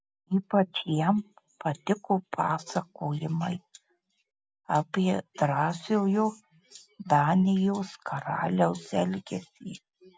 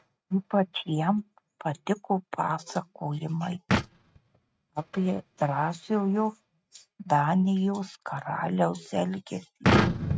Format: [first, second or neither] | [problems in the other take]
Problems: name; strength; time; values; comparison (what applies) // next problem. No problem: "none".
first | noise reduction (neural mask model RNNoise)